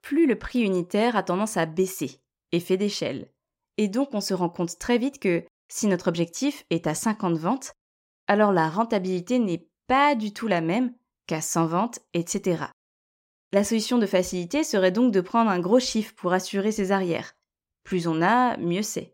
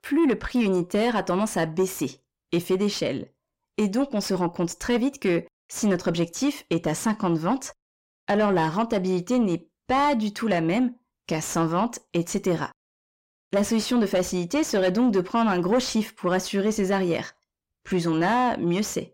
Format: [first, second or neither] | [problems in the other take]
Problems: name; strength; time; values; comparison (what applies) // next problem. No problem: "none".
first | distortion; slight; 10 dB below the speech